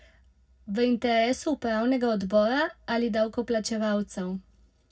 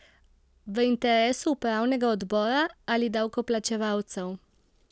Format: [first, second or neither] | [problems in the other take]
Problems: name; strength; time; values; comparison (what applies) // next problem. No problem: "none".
second | room echo; dies away in 0.4 s